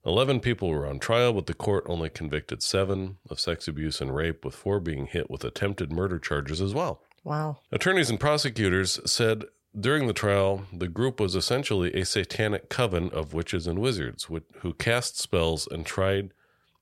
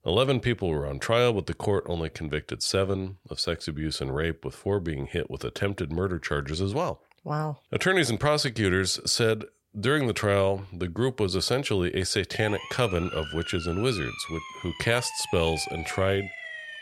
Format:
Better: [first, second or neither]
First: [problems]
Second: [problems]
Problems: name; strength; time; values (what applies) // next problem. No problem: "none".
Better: first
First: none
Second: siren; noticeable; from 12 s on; peak 8 dB below the speech